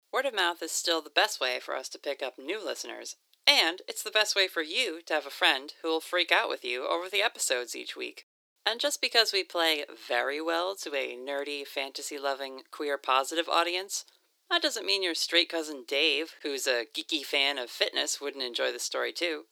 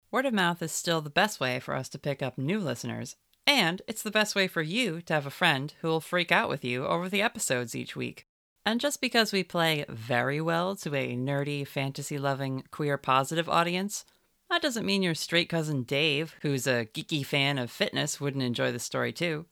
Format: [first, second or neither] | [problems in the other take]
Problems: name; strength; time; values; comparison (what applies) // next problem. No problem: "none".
second | thin; very; fading below 300 Hz